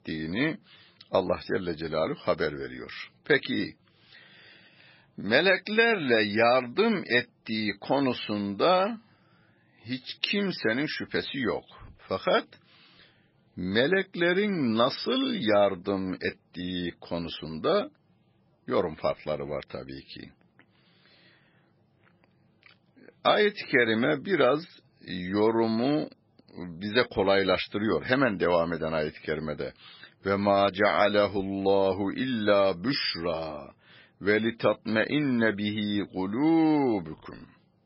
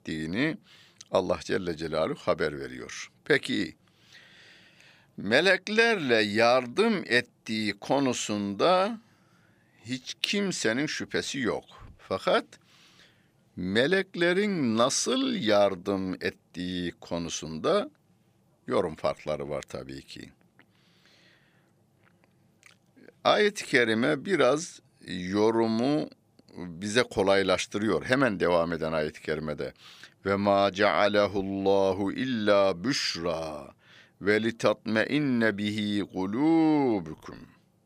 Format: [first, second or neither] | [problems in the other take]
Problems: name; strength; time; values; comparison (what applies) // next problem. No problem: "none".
second | garbled, watery; badly; nothing above 5.5 kHz